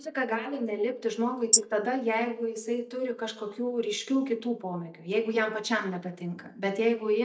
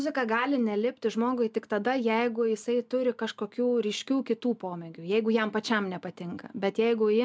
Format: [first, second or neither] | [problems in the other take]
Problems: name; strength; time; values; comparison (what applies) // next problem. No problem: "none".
second | noise reduction (neural mask model DeepFilterNet 3)